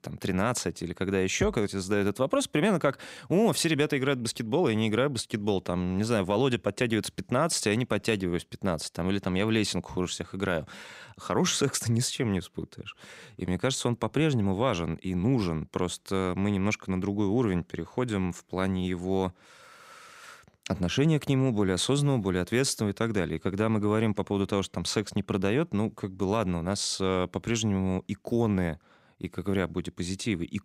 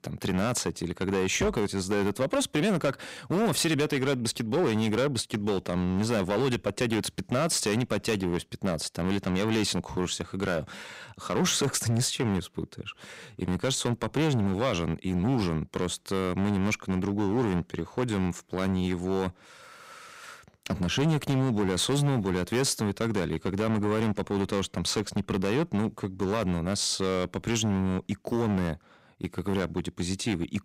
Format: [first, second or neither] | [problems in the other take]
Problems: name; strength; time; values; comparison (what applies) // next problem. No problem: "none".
first | distortion; slight; 11% of the sound clipped